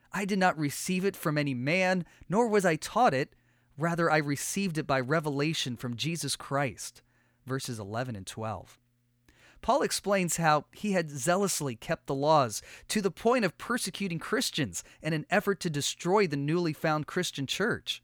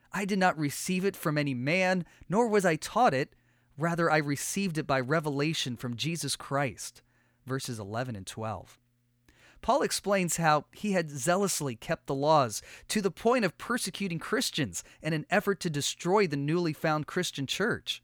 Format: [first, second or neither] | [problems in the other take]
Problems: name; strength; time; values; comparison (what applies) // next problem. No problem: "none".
neither | none